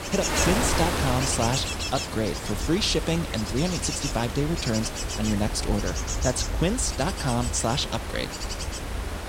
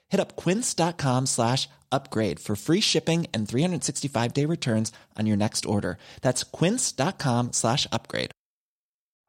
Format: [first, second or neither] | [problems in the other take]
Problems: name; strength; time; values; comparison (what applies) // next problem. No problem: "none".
second | wind noise on the microphone; heavy; 1 dB below the speech